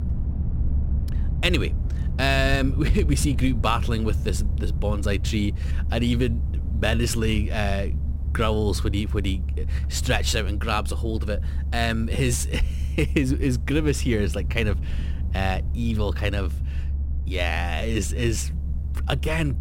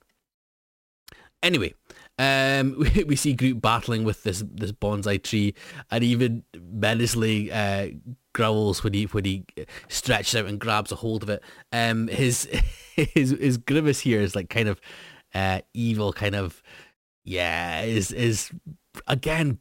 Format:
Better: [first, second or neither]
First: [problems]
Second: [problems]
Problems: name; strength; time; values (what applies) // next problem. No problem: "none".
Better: second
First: low rumble; noticeable; throughout; 15 dB below the speech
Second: none